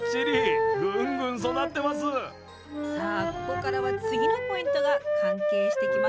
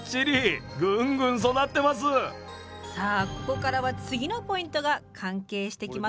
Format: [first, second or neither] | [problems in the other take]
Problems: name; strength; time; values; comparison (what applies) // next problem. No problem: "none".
second | background sound (Wind instrument, woodwind instrument); 5 dB above the speech